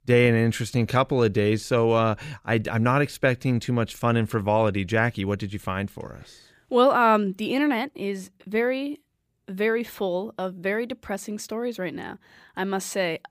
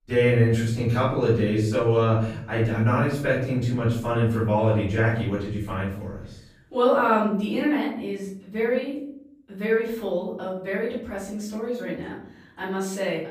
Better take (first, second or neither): first